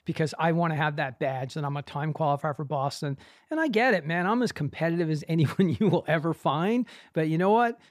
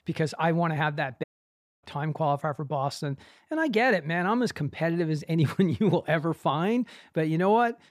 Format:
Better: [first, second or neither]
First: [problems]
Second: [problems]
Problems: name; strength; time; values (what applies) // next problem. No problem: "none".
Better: first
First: none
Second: audio cutting out; at 1 s for 0.5 s